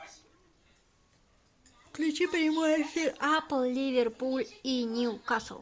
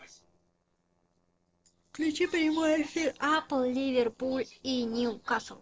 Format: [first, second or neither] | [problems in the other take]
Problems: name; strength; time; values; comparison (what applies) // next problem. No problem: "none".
first | noise reduction (neural separator model SepFormer DNS4)